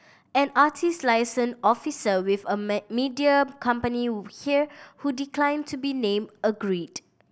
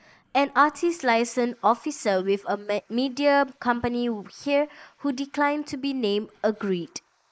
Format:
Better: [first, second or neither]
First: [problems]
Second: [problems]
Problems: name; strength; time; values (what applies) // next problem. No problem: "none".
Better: first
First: none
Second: noise reduction (neural mask model Resemble Enhance denoiser)